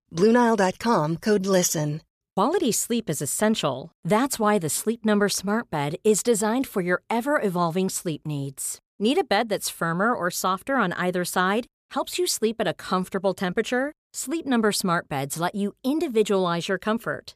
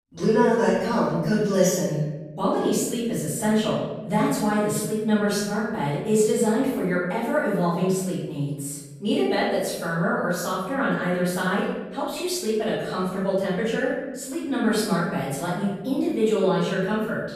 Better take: first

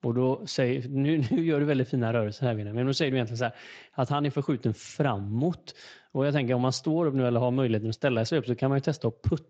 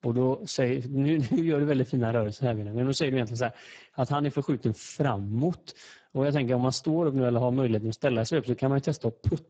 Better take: first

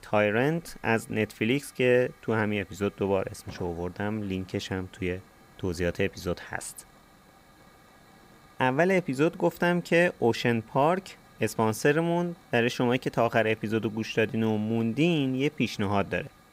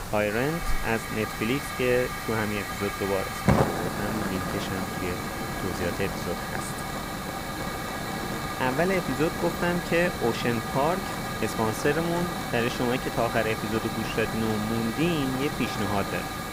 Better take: first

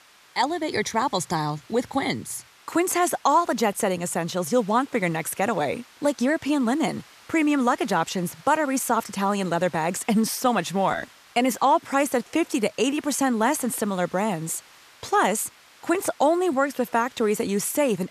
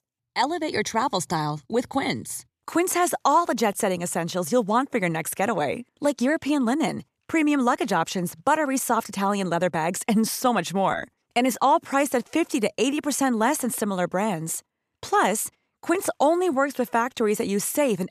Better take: second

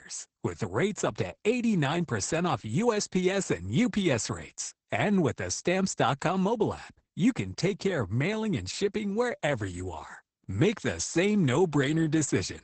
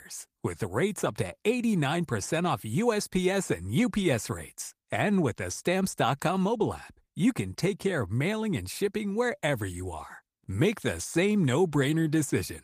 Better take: second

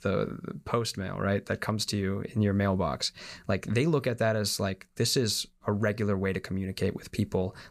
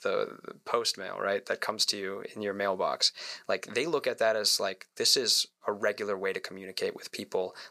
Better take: first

